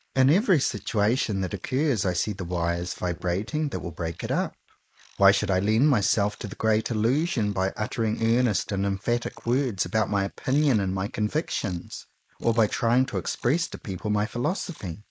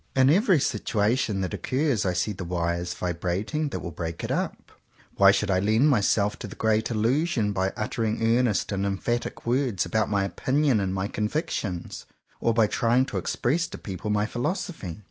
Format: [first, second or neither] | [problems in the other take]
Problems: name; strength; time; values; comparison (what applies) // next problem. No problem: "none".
second | noise reduction (neural mask model Resemble Enhance denoiser)